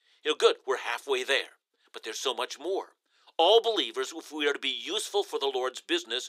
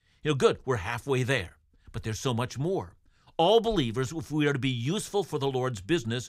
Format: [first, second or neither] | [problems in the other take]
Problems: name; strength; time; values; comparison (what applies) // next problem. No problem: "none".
second | thin; very; fading below 350 Hz